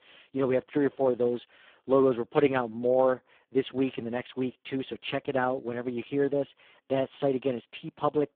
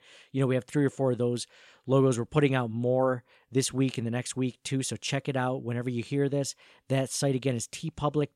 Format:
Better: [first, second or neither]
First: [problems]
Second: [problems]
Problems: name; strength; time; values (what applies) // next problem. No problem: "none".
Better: second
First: phone-call audio; poor line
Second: none